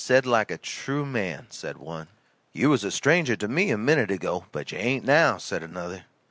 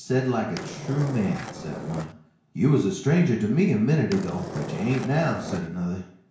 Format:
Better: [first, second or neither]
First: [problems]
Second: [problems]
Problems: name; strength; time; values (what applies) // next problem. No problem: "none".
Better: first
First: none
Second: background sound (Skateboard); 11 dB below the speech // room echo; dies away in 0.6 s